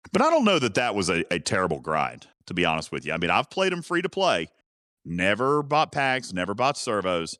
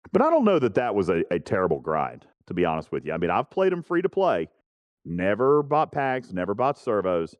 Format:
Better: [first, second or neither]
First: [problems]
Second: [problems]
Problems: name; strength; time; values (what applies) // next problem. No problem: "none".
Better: first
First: none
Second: muffled; very; fading above 2.5 kHz